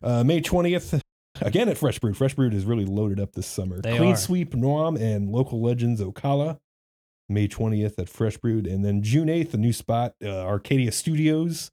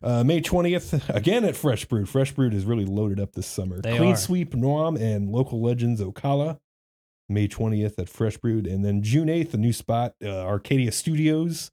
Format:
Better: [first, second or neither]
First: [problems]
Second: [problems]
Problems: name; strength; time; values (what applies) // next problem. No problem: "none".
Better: second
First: audio freezing; at 1 s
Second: none